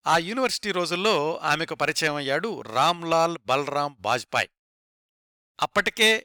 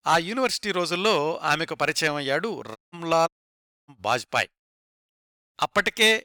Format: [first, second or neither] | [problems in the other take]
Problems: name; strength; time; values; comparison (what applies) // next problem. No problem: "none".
first | audio cutting out; at 3 s and at 3.5 s for 0.5 s